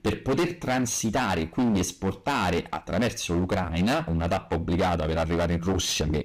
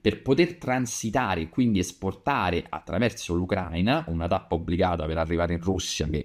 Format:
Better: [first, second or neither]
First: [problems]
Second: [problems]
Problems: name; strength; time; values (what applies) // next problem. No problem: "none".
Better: second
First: distortion; heavy; 20% of the sound clipped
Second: none